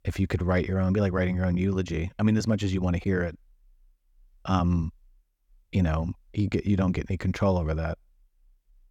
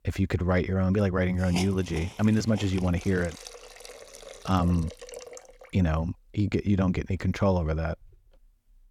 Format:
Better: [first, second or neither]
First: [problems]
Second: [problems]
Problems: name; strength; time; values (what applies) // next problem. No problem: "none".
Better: first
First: none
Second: hiss; noticeable; throughout; 15 dB below the speech